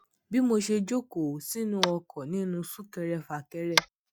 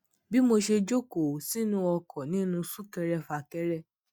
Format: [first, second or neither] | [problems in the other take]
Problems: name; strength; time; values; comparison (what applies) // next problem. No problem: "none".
second | background sound (Tap); 7 dB below the speech